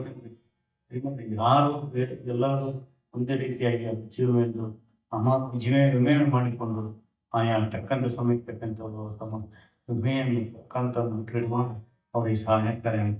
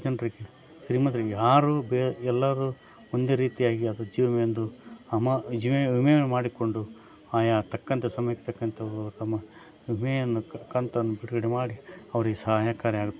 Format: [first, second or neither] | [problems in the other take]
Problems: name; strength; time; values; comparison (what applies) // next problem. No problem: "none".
second | noise reduction (neural mask model DeepFilterNet 3)